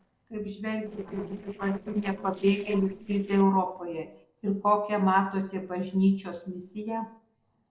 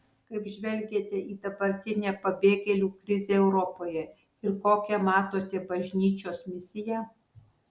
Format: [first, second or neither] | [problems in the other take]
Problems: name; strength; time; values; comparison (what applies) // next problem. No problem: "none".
second | noise reduction (neural separator model SepFormer DNS4)